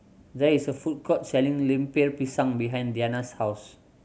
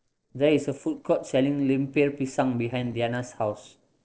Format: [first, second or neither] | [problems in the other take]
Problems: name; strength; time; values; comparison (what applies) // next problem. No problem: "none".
first | noise reduction (neural separator model SepFormer DNS4)